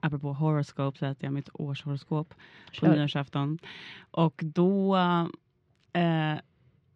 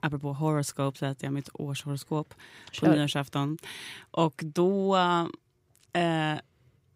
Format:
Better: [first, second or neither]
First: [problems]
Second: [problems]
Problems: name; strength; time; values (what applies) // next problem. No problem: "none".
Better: second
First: muffled; slightly; fading above 4 kHz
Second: none